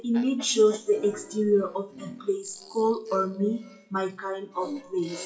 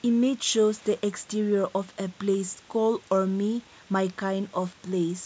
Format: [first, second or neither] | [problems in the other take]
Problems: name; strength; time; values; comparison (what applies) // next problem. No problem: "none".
second | noise reduction (classical method WPE with log-MMSE)